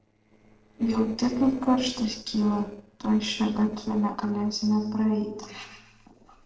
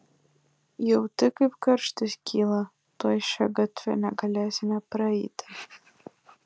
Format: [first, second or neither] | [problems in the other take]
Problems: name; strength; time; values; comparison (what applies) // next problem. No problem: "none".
second | noise reduction (neural separator model SepFormer DNS4)